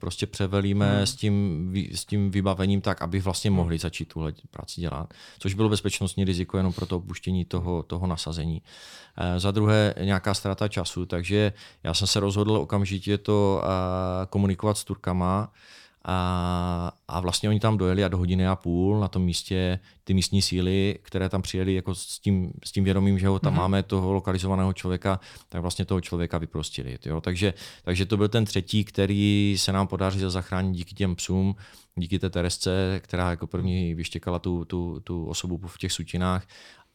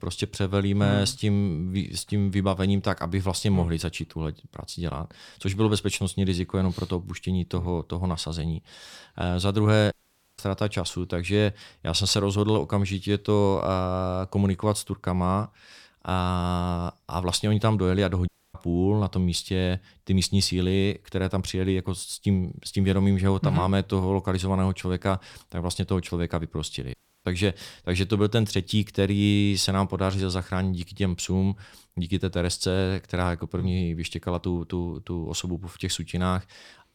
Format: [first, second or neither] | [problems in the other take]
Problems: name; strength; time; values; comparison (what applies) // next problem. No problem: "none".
first | audio cutting out; at 10 s, at 18 s and at 27 s